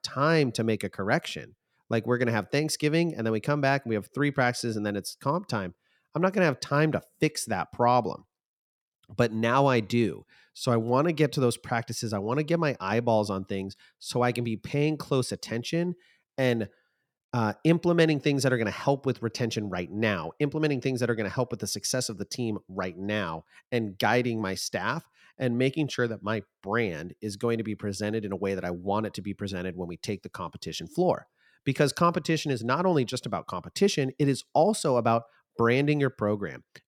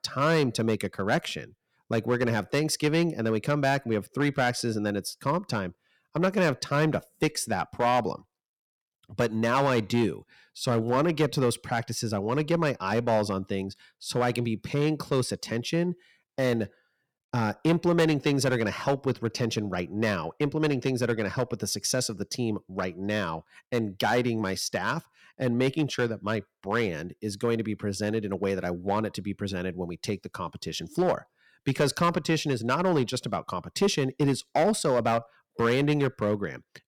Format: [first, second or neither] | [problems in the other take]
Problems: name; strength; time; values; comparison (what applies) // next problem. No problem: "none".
first | distortion; slight; 3% of the sound clipped